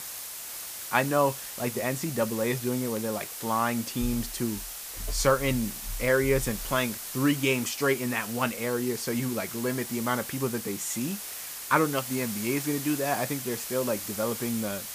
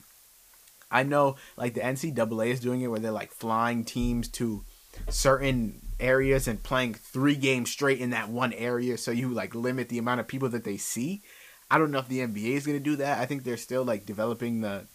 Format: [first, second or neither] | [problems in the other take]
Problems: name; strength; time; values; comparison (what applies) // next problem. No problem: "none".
second | hiss; loud; throughout; 7 dB below the speech; faint in the second